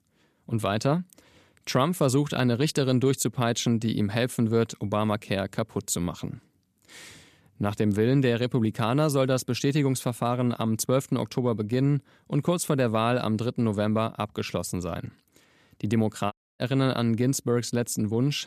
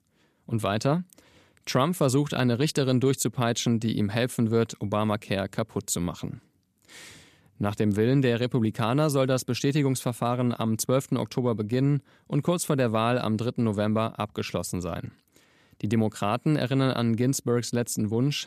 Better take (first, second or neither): second